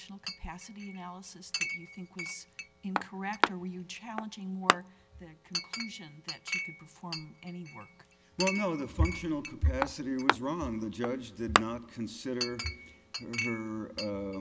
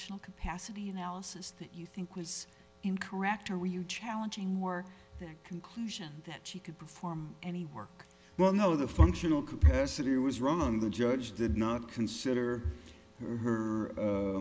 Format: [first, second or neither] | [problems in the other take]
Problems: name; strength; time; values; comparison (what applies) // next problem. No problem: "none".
second | background sound (Chink, clink); 1 dB below the speech